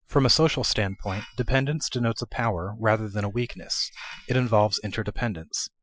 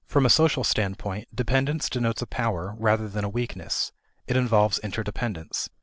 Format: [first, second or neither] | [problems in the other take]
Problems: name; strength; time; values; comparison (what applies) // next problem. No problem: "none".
second | noise reduction (classical method Wiener filter)